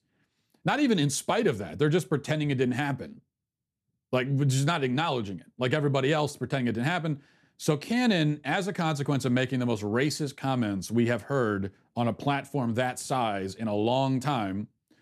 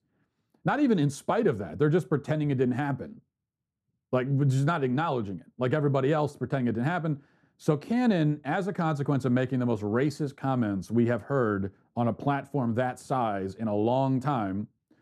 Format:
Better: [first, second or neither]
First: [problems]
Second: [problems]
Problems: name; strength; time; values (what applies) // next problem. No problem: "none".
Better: first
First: none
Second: muffled; slightly; fading above 1.5 kHz